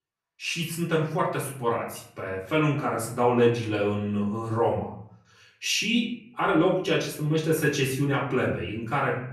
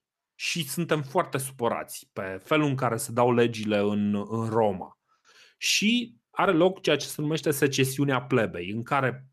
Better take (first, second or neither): second